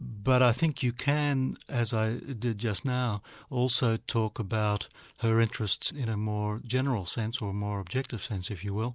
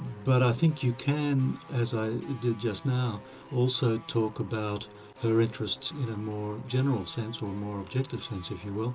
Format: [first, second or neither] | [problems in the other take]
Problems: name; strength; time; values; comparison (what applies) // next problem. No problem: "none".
first | background sound (Guitar); 20 dB below the speech // room echo; dies away in 0.2 s